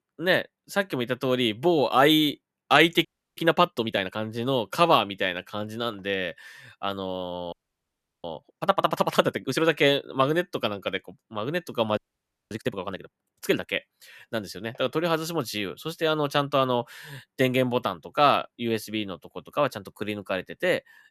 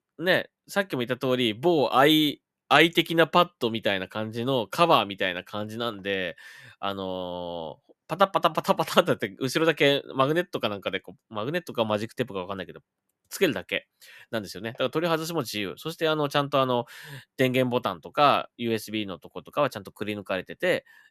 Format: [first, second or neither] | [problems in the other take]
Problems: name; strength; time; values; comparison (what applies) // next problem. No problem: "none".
second | audio freezing; at 3 s, at 7.5 s for 0.5 s and at 12 s for 0.5 s